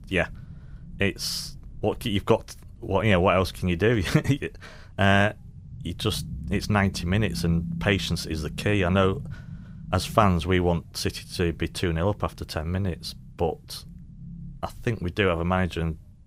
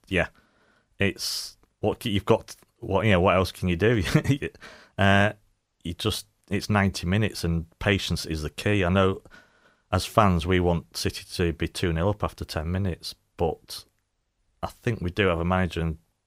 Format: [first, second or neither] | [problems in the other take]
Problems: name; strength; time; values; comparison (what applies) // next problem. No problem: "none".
second | low rumble; faint; throughout; 25 dB below the speech